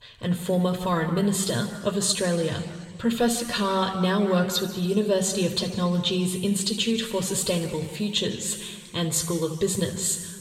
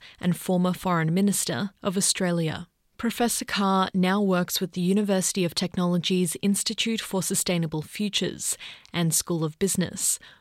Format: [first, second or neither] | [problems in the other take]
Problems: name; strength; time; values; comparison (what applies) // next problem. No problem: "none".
second | room echo; noticeable; dies away in 1.7 s // off-mic speech; somewhat distant